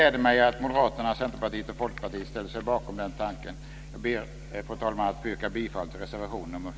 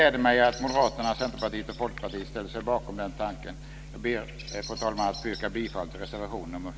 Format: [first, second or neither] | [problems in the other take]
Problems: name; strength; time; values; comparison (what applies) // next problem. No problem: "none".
first | background sound (Bird vocalization, bird call, bird song); 18 dB below the speech